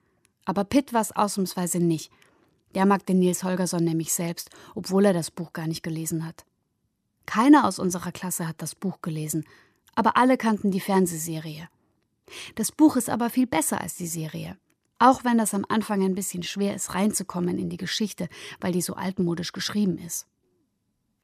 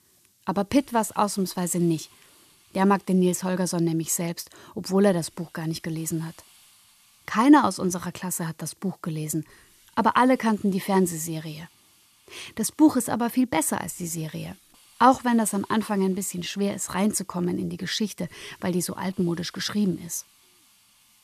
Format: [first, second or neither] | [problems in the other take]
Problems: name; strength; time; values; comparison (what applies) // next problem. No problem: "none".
first | hiss; faint; throughout; 30 dB below the speech